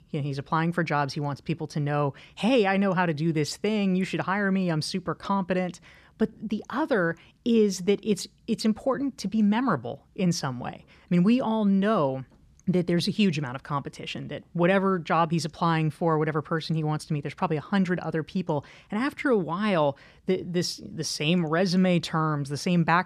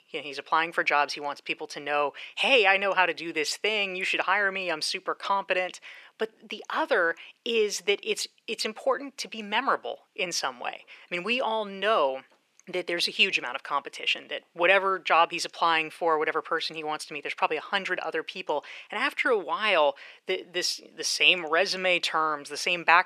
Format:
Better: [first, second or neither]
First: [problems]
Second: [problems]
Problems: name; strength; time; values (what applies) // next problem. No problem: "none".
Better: first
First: none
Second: thin; very; fading below 450 Hz